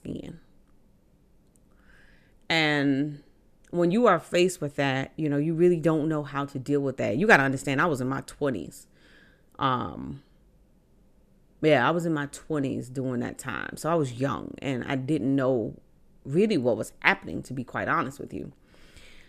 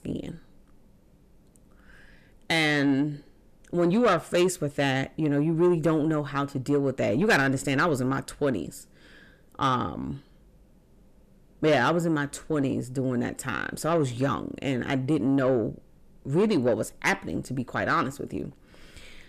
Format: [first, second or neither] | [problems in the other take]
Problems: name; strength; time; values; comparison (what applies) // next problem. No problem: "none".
first | distortion; slight; 10 dB below the speech